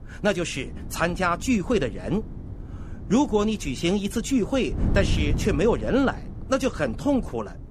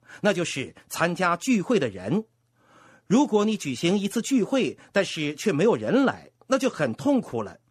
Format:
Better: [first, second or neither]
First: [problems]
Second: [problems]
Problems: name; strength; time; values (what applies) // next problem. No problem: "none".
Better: second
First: wind noise on the microphone; occasional gusts; 15 dB below the speech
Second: none